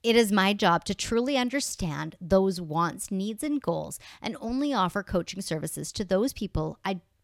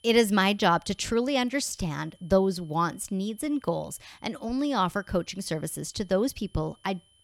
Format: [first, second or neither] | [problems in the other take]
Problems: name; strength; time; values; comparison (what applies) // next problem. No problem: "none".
first | high-pitched whine; faint; throughout; 3 kHz, 35 dB below the speech